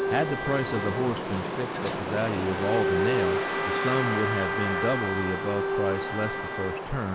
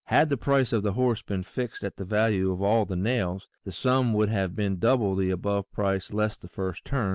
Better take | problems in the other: second | background sound (Wind + Bowed string instrument); 1 dB above the speech

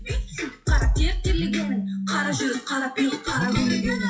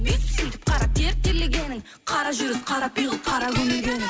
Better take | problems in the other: second | noise reduction (classical method WPE with log-MMSE)

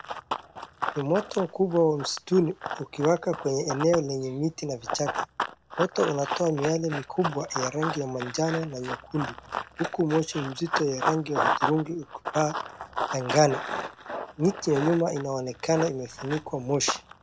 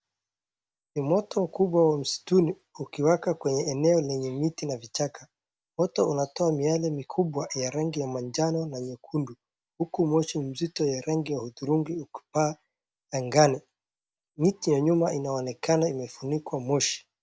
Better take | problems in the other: second | background sound (Run); 6 dB below the speech

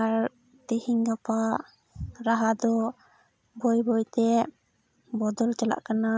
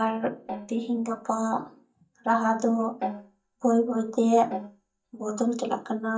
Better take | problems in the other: first | noise reduction (neural mask model DeepFilterNet 3)

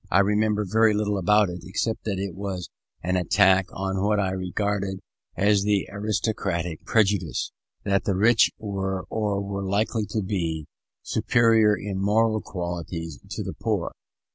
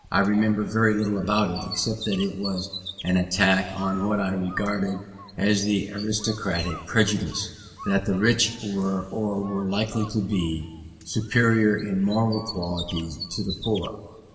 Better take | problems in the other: first | background sound (Bird); 16 dB below the speech // room echo; dies away in 2.6 s

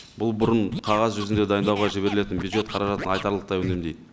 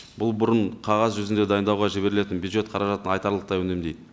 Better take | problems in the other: second | background sound (Scratching (performance technique)); 10 dB below the speech

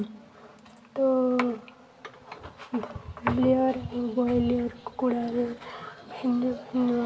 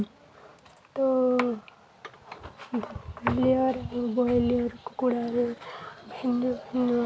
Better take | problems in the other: second | room echo; dies away in 1.9 s

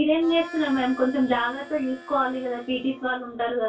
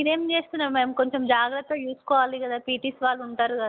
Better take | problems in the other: second | background sound (Harmonica); 18 dB below the speech // room echo; dies away in 0.2 s

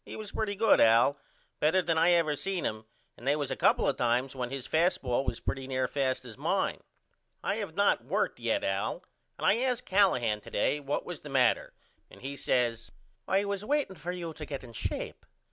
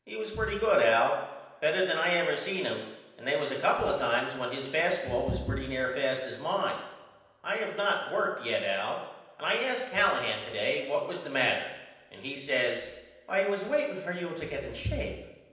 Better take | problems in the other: first | room echo; dies away in 0.9 s

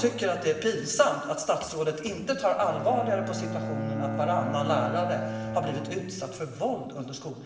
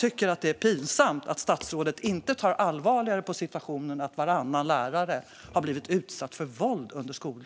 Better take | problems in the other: second | background sound (Bowed string instrument); 7 dB below the speech // room echo; dies away in 1.2 s

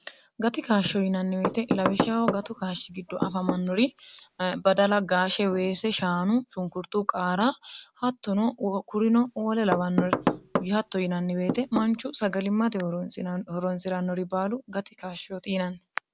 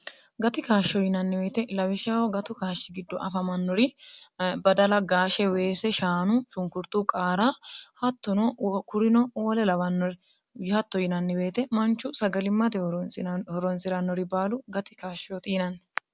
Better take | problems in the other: second | background sound (Knock / Wood); 5 dB below the speech

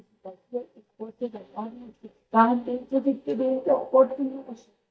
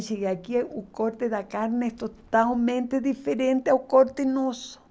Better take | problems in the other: second | noise reduction (neural mask model DeepFilterNet 3)

